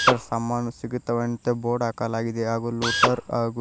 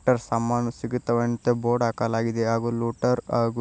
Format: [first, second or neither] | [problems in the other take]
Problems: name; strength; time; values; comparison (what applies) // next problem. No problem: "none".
second | background sound (Drill); 4 dB below the speech